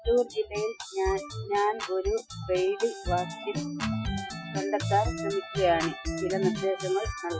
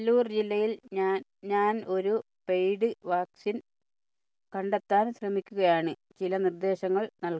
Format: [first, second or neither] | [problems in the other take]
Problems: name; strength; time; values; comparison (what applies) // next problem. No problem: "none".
second | noise reduction (classical method Wiener filter)